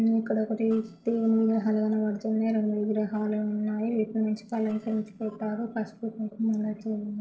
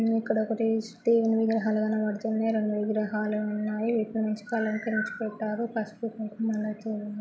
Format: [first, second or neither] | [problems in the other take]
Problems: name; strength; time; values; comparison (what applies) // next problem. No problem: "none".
second | noise reduction (neural separator model SepFormer DNS4)